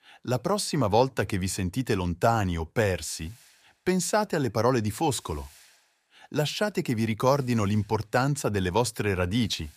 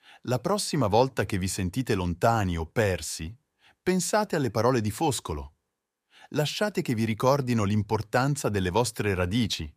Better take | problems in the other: second | hiss; faint; from 2.5 s on; 30 dB below the speech

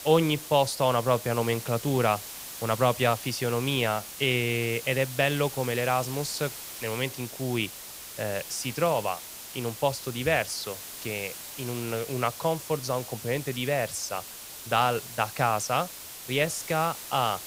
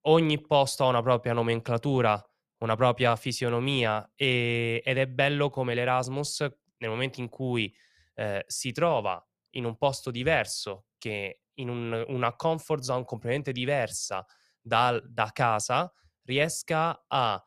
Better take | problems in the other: second | hiss; noticeable; throughout; 10 dB below the speech

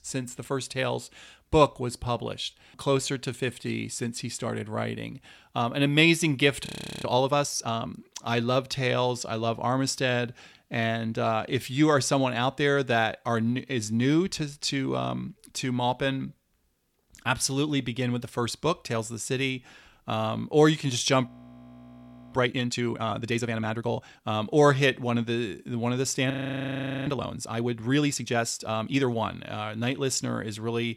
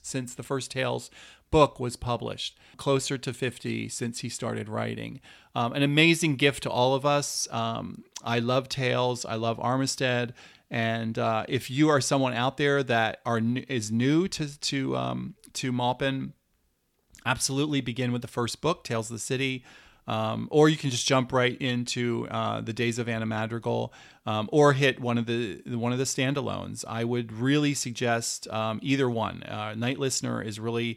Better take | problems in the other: second | audio freezing; at 6.5 s, at 21 s for 1 s and at 26 s for 1 s

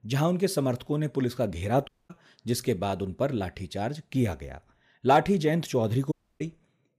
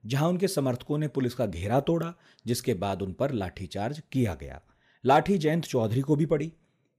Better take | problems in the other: second | audio cutting out; at 2 s and at 6 s

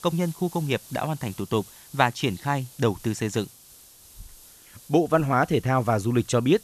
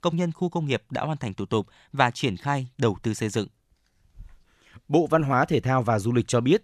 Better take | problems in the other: second | hiss; faint; throughout; 20 dB below the speech

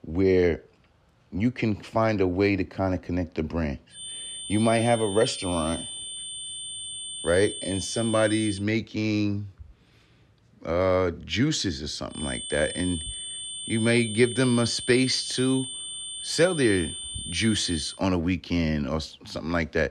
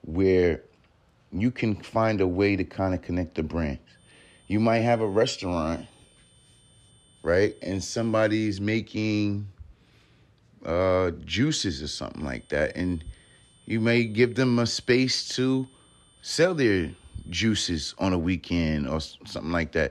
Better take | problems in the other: second | high-pitched whine; loud; from 4 to 8.5 s and from 12 to 18 s; 3 kHz, 8 dB below the speech; faint in the second

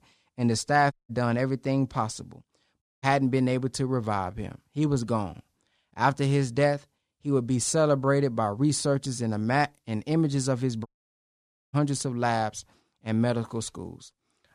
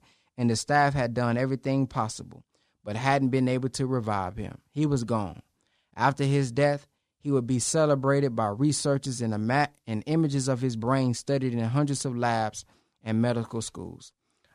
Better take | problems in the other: second | audio cutting out; at 1 s, at 3 s and at 11 s for 1 s

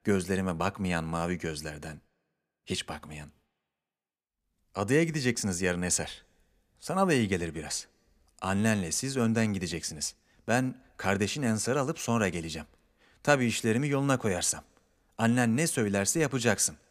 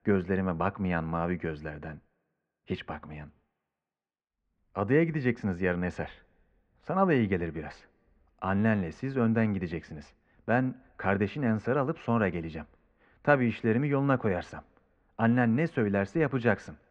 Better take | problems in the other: first | muffled; very; fading above 2 kHz

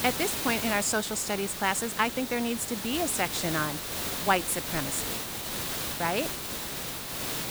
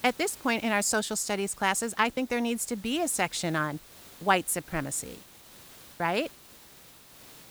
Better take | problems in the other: second | hiss; loud; throughout; 3 dB below the speech; faint in the second

